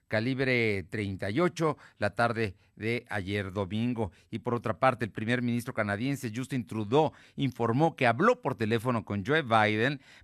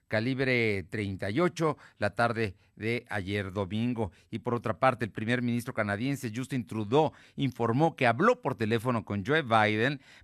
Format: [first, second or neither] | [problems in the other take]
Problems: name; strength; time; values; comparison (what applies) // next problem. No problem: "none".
neither | none